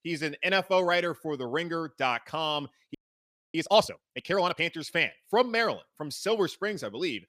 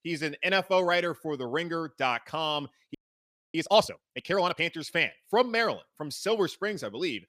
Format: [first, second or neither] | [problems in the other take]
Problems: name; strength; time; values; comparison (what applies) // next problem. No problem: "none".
neither | audio freezing; at 3 s for 0.5 s; the same in both